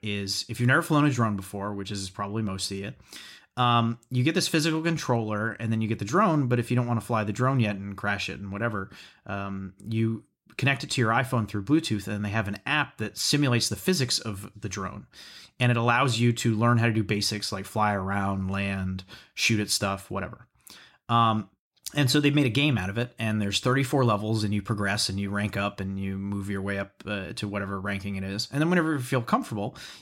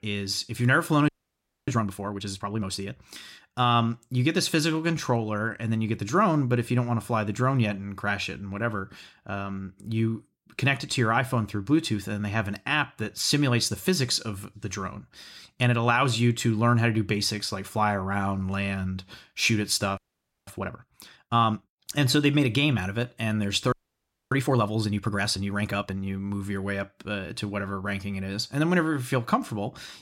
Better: first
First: none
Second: audio freezing; at 1 s for 0.5 s, at 20 s and at 24 s for 0.5 s

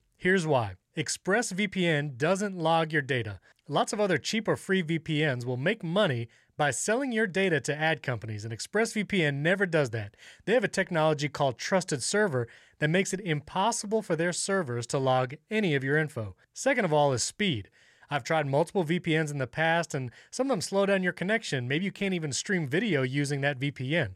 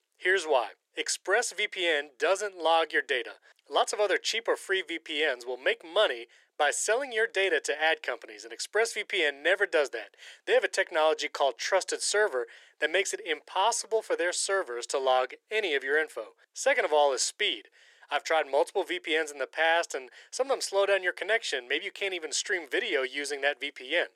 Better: first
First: none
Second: thin; very; fading below 350 Hz

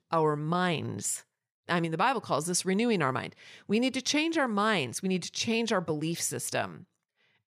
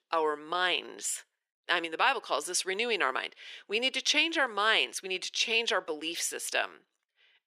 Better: first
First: none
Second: thin; very; fading below 350 Hz

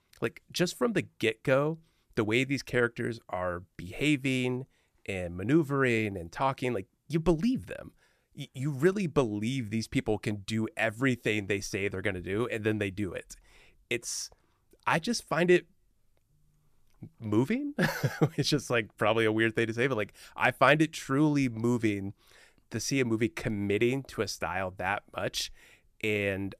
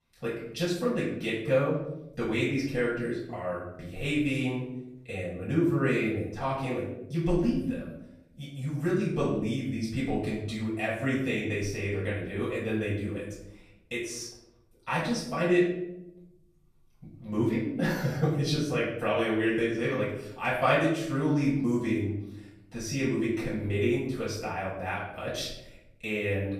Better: first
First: none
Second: off-mic speech; far // room echo; noticeable; dies away in 0.8 s

